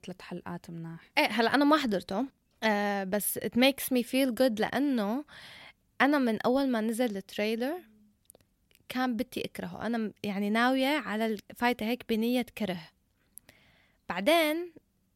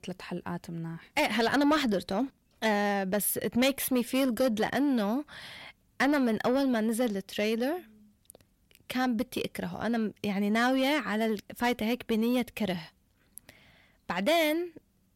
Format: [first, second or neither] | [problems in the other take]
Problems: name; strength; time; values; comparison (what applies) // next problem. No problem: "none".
first | distortion; slight; 10 dB below the speech